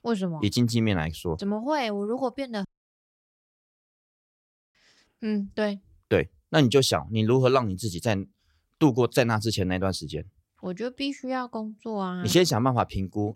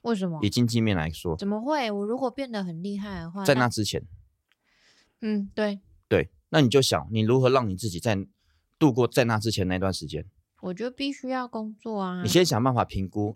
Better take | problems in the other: second | audio cutting out; at 2.5 s for 2 s

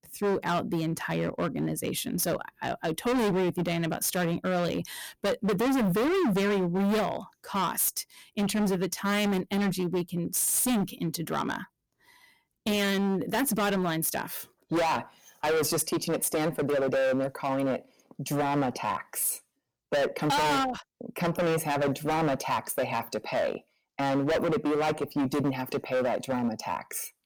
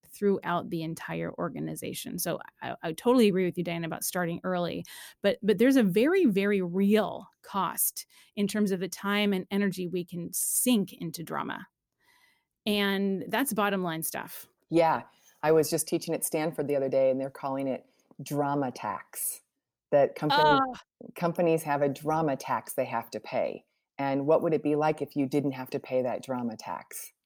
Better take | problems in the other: second | distortion; heavy; 20% of the sound clipped

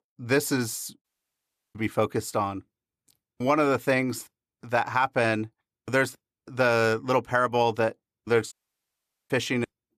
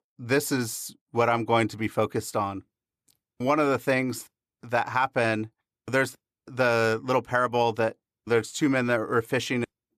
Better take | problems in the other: second | audio cutting out; at 1 s for 0.5 s and at 8.5 s for 1 s

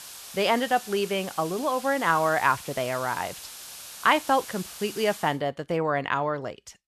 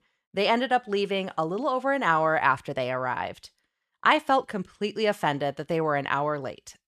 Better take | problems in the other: second | hiss; noticeable; until 5.5 s; 15 dB below the speech

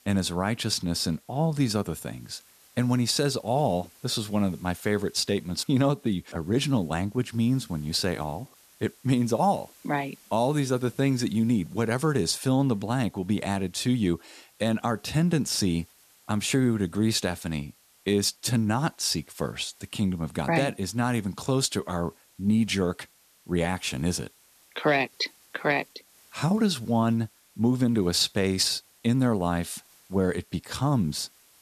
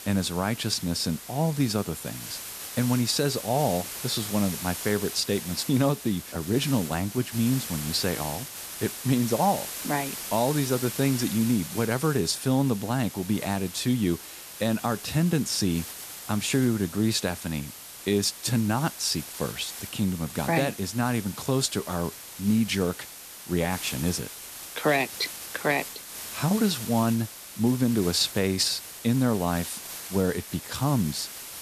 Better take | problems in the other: first | hiss; loud; throughout; 9 dB below the speech; faint in the first

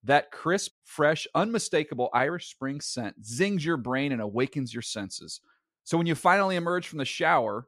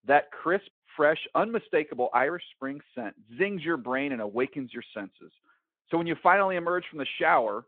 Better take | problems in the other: first | phone-call audio

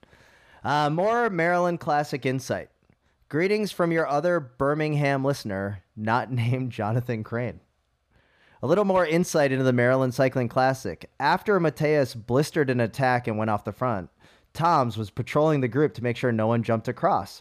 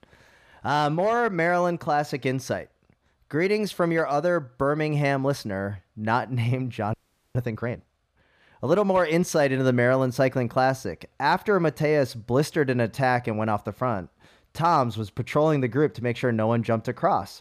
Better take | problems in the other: first | audio freezing; at 7 s

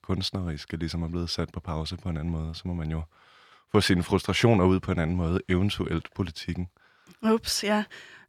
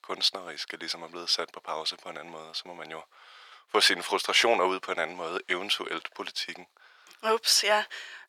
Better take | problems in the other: first | thin; very; fading below 500 Hz

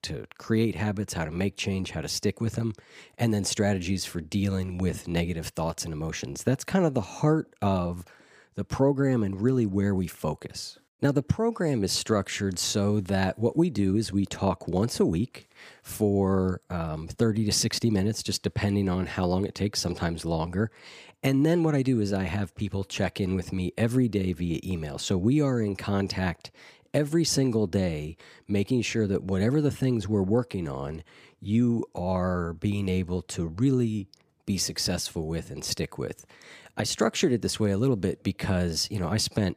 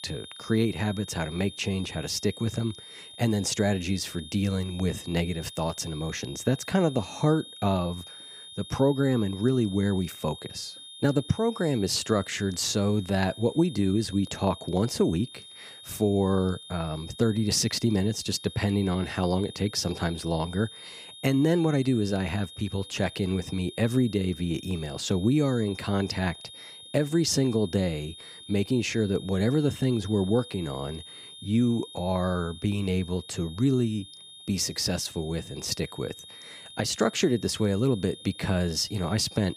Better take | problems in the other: first | high-pitched whine; noticeable; throughout; 3.5 kHz, 15 dB below the speech

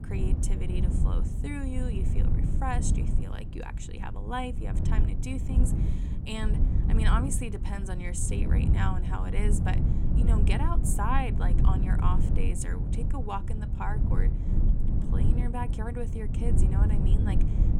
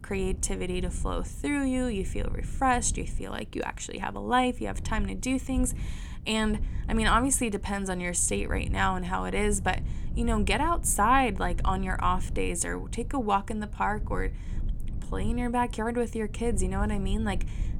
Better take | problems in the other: second | low rumble; loud; throughout; 5 dB below the speech; faint in the second

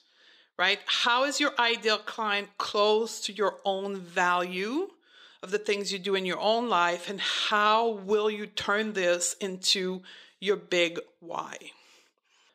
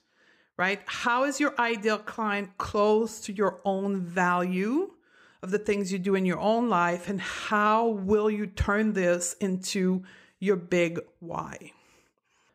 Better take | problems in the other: second | thin; somewhat; fading below 350 Hz

